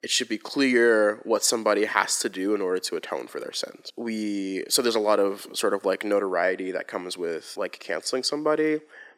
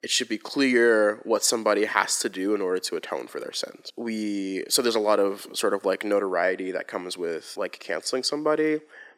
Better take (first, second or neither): neither